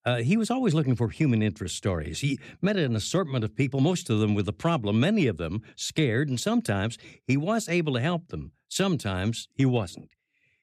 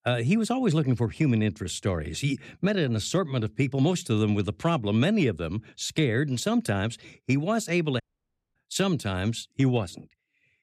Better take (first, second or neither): first